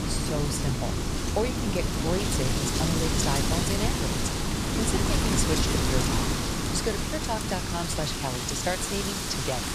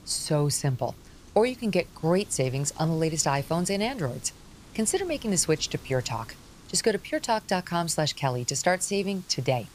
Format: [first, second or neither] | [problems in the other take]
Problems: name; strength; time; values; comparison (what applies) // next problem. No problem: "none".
second | wind noise on the microphone; heavy; 3 dB above the speech; occasional gusts in the second